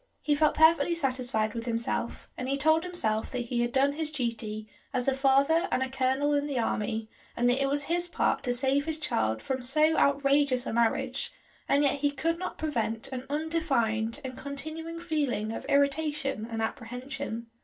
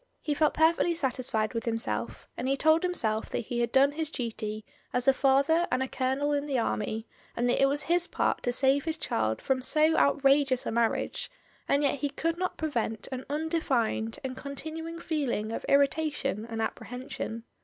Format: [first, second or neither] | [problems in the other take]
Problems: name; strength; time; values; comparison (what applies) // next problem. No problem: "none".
second | room echo; dies away in 0.2 s